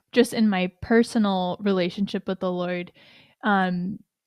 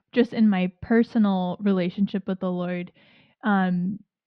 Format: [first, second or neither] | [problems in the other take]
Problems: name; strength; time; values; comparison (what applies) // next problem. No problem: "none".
first | muffled; slightly; fading above 3.5 kHz